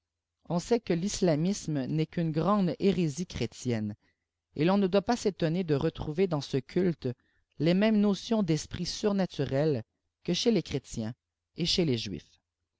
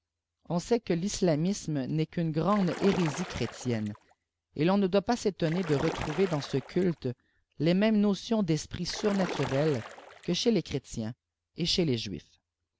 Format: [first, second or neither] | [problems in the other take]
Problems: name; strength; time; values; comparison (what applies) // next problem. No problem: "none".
first | background sound (Splash, splatter); 11 dB below the speech